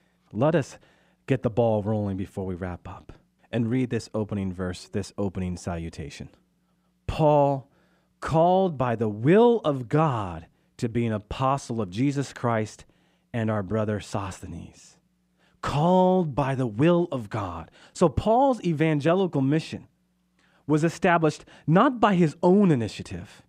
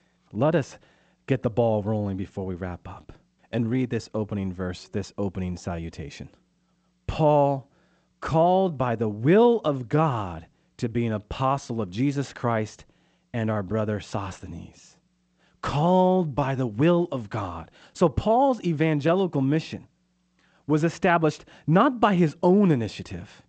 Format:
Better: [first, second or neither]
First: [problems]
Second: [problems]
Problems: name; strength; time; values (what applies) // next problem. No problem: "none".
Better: first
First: none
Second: garbled, watery; slightly; nothing above 8 kHz